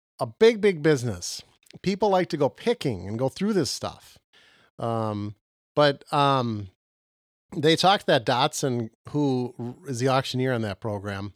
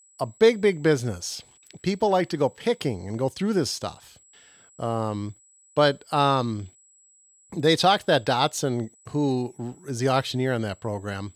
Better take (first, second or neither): first